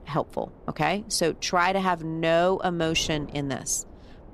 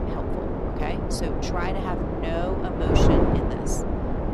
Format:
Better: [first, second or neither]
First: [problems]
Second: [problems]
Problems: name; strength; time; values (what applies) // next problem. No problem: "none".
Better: first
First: wind noise on the microphone; occasional gusts; 25 dB below the speech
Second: wind noise on the microphone; heavy; 5 dB above the speech